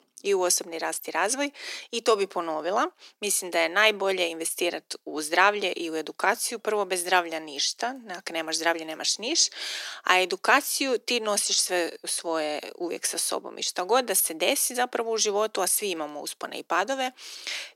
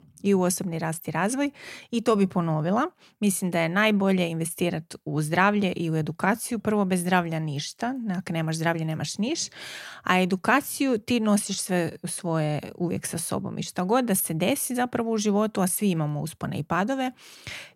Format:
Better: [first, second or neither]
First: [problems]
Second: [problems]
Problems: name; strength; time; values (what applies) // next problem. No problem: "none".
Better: second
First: thin; very; fading below 350 Hz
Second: none